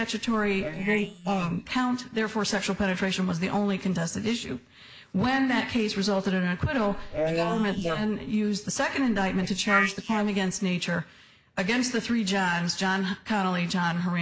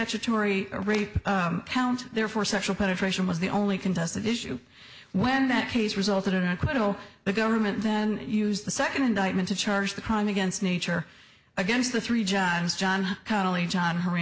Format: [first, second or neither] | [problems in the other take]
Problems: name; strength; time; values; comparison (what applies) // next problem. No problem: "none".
second | noise reduction (neural mask model Resemble Enhance denoiser)